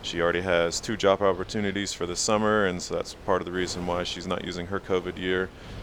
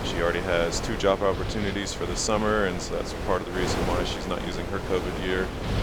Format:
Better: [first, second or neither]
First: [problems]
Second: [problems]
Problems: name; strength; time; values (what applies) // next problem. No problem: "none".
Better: first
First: wind noise on the microphone; occasional gusts; 20 dB below the speech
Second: wind noise on the microphone; heavy; 6 dB below the speech